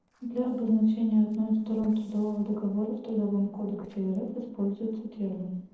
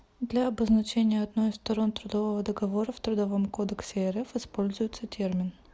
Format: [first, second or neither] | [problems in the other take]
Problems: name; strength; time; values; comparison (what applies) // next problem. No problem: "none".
second | noise reduction (neural separator model SepFormer DNS4)